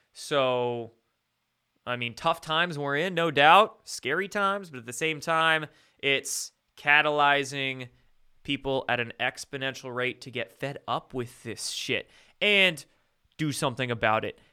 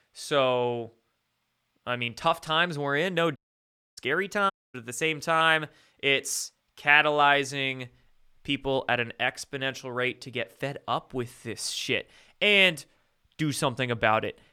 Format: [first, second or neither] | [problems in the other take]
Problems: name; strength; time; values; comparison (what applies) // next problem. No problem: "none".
first | audio cutting out; at 3.5 s for 0.5 s and at 4.5 s